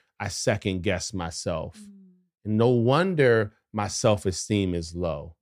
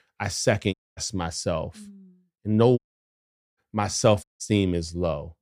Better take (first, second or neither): first